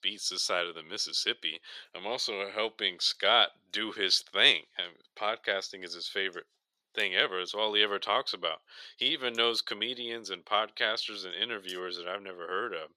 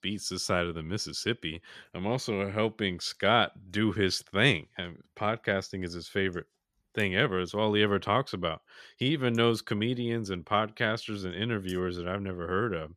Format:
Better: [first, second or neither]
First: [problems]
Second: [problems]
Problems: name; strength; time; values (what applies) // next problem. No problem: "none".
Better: second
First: thin; very; fading below 550 Hz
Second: none